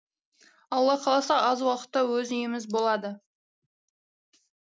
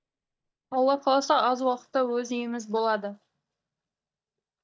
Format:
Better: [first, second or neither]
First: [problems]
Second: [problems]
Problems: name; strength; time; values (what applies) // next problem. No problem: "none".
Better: first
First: none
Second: noise reduction (neural mask model DeepFilterNet 3)